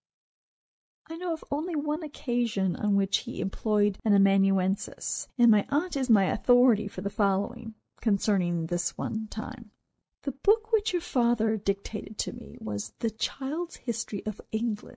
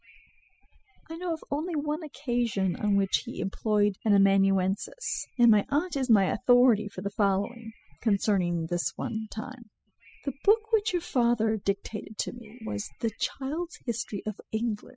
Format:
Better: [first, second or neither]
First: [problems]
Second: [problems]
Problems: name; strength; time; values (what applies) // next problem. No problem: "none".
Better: first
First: none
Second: noise reduction (classical method spectral subtraction)